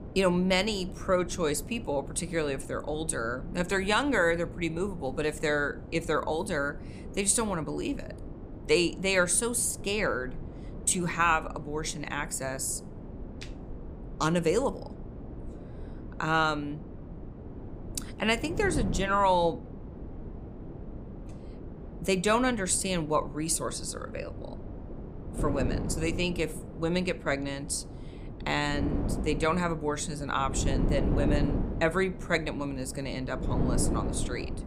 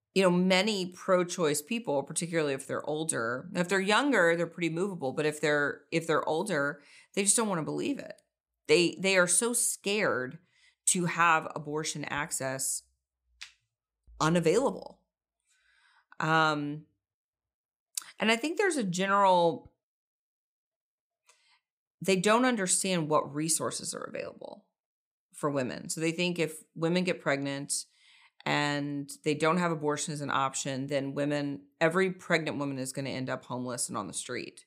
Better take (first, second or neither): second